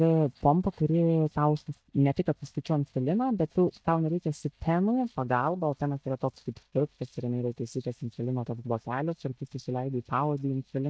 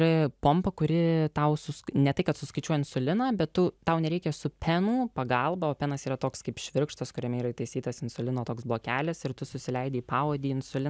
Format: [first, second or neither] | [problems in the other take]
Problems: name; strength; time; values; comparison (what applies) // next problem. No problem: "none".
second | noise reduction (neural mask model DeepFilterNet 3)